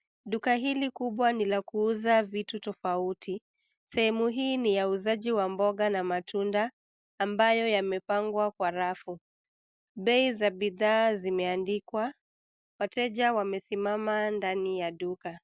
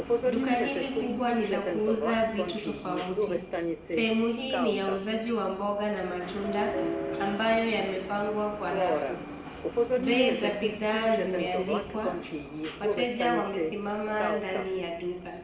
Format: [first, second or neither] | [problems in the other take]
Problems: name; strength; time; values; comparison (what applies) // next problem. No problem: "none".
first | background sound (Subway, metro, underground); 2 dB below the speech // room echo; dies away in 1 s